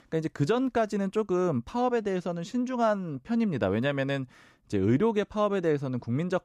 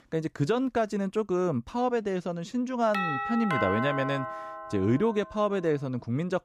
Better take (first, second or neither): first